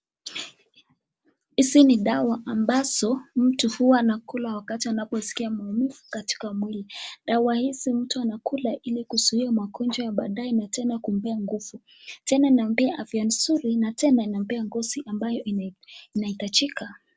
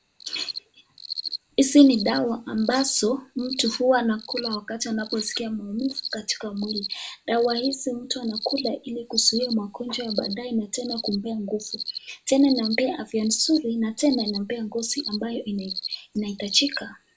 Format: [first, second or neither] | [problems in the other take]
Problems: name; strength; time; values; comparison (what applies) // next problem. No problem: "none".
first | background sound (Cricket); 11 dB below the speech // room echo; dies away in 0.2 s